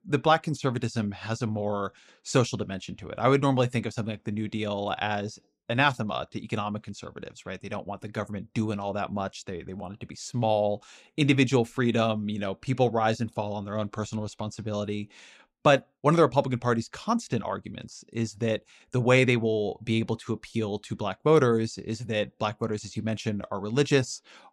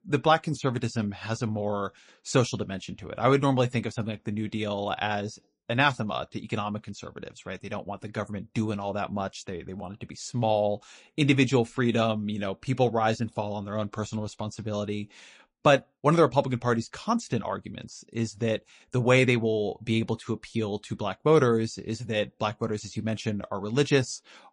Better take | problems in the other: first | garbled, watery; slightly; nothing above 8.5 kHz

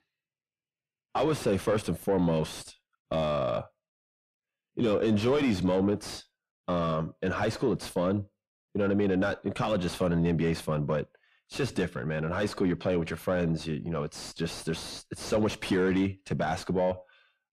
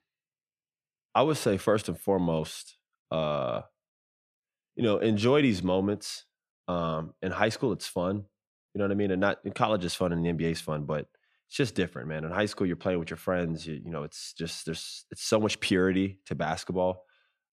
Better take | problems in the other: second | distortion; heavy; 7 dB below the speech

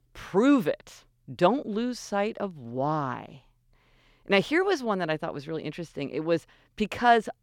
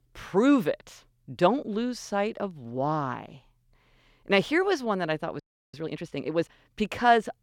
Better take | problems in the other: first | audio freezing; at 5.5 s

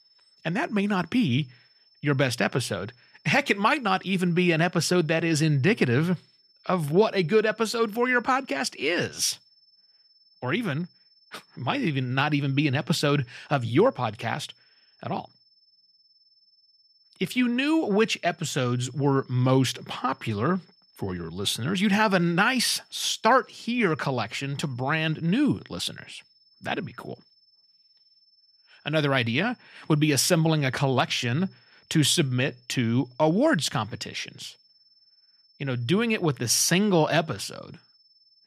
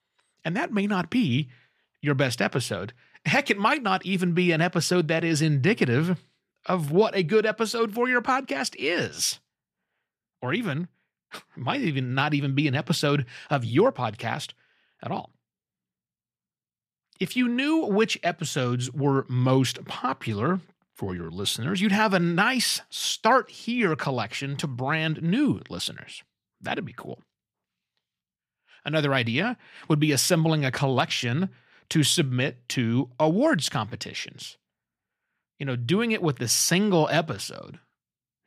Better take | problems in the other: second | high-pitched whine; faint; throughout; 5.5 kHz, 35 dB below the speech

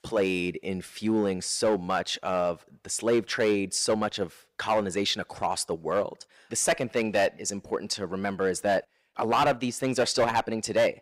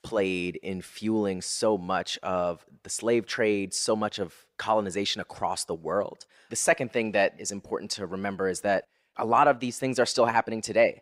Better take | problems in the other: second | distortion; slight; 4% of the sound clipped

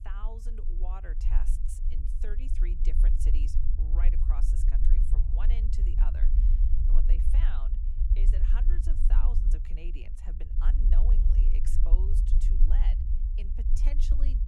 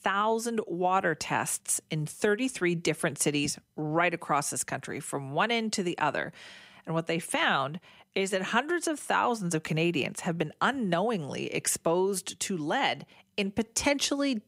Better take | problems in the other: second | low rumble; loud; throughout; 1 dB below the speech

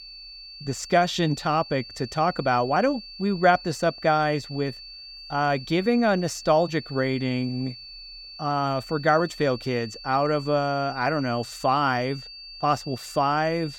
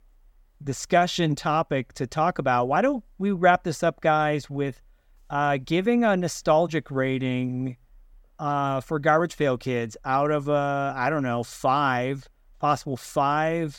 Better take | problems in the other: second | high-pitched whine; noticeable; throughout; 4.5 kHz, 15 dB below the speech

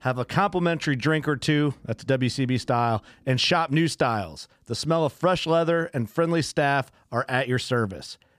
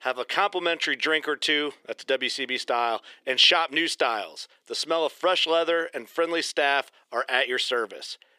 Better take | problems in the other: first | thin; very; fading below 400 Hz

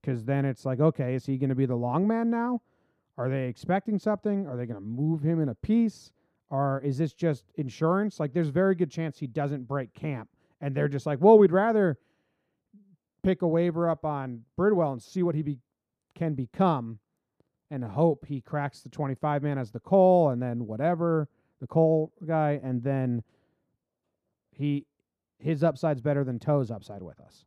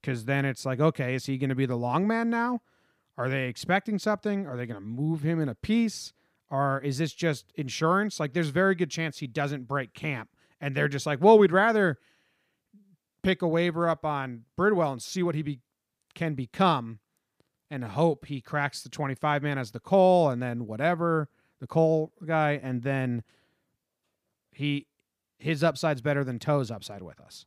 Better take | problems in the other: second | muffled; slightly; fading above 1 kHz

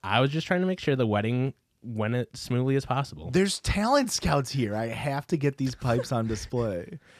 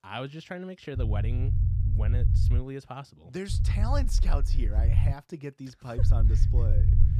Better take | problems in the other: first | low rumble; loud; from 1 to 2.5 s, from 3.5 to 5 s and from 6 s on; 4 dB below the speech

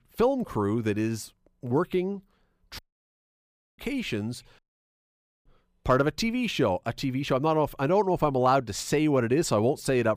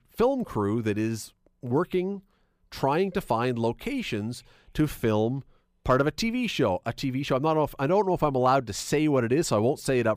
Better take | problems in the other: second | audio cutting out; at 3 s for 1 s and at 4.5 s for 1 s

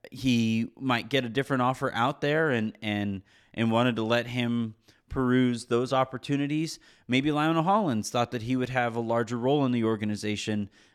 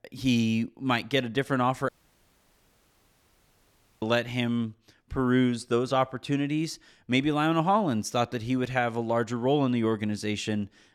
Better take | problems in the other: first | audio cutting out; at 2 s for 2 s

